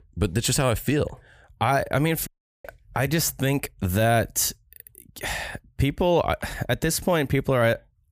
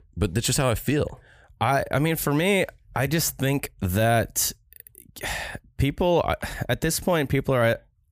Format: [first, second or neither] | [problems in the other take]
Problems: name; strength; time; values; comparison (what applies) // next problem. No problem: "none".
second | audio cutting out; at 2.5 s